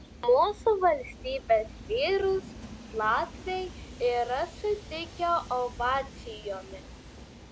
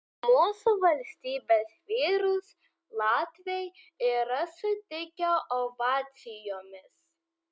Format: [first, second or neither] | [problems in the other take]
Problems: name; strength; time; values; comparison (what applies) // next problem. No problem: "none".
second | background sound (Train); 15 dB below the speech